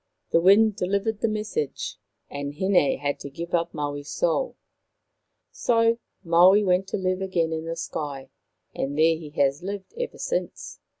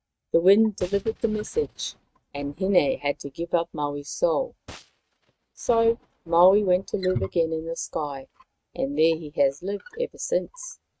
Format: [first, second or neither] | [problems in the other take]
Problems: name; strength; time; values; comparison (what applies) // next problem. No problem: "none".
first | noise reduction (neural mask model RNNoise)